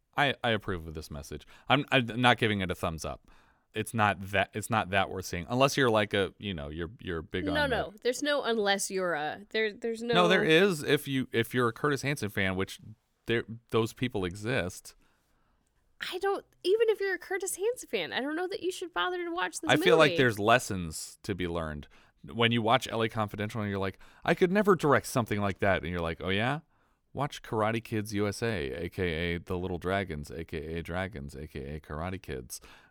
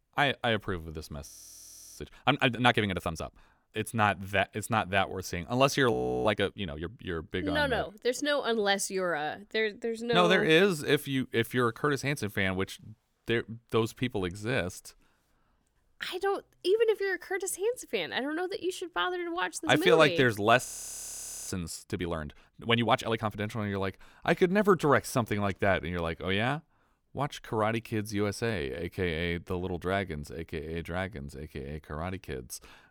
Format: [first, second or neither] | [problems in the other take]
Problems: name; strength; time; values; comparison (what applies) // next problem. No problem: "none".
first | audio freezing; at 1.5 s for 0.5 s, at 6 s and at 21 s for 1 s